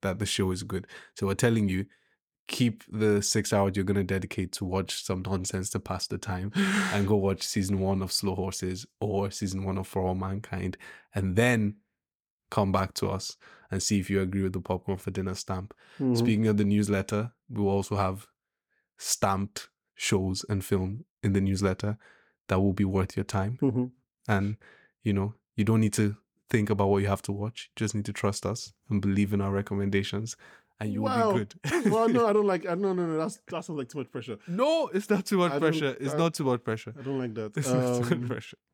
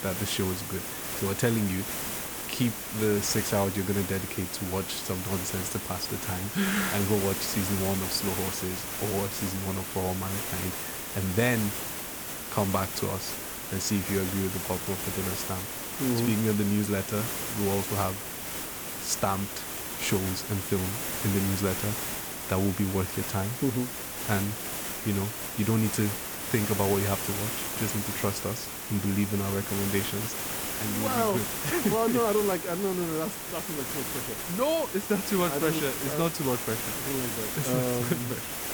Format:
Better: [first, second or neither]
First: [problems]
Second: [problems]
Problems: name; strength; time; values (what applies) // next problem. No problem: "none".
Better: first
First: none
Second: hiss; loud; throughout; 2 dB below the speech